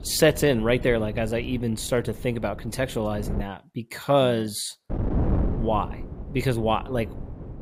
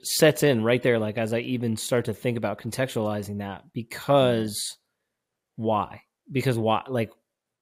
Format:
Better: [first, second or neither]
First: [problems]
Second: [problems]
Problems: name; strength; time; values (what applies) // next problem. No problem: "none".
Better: second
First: wind noise on the microphone; occasional gusts; until 3.5 s and from 5 s on; 15 dB below the speech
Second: none